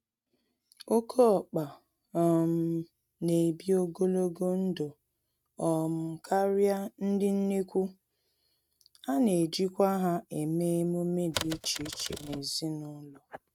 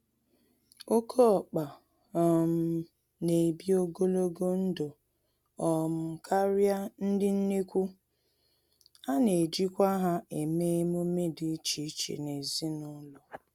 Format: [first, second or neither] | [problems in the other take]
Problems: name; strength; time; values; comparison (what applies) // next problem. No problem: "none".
second | noise reduction (neural mask model RNNoise)